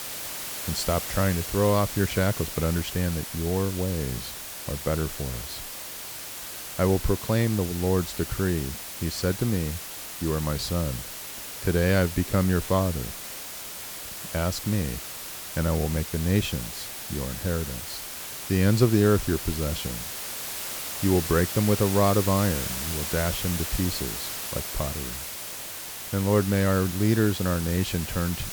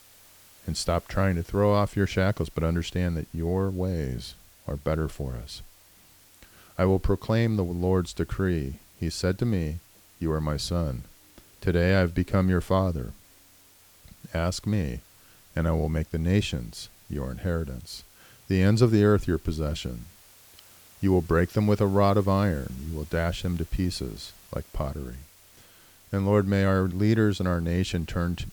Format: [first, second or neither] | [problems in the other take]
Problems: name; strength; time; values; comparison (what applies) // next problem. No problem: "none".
second | hiss; loud; throughout; 6 dB below the speech; faint in the second